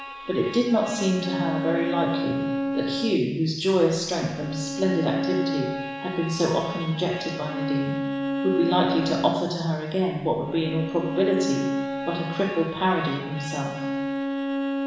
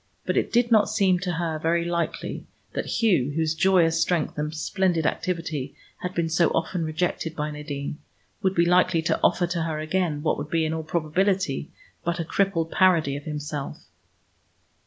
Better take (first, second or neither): second